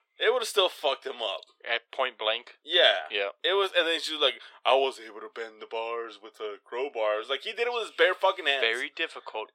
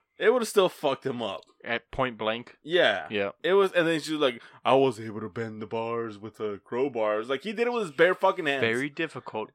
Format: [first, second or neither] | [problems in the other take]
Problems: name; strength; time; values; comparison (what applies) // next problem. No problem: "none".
second | thin; very; fading below 400 Hz